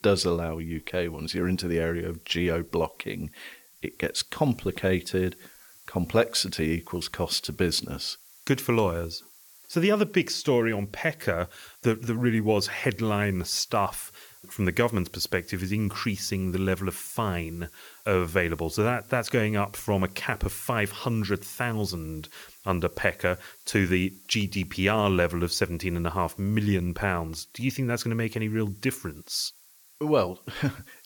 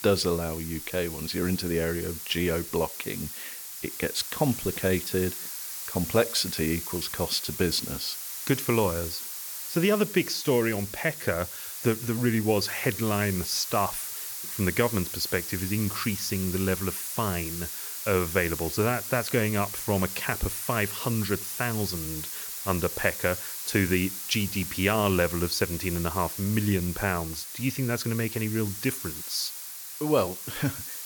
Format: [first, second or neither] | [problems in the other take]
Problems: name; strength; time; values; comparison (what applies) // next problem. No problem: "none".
first | hiss; loud; throughout; 6 dB below the speech; faint in the first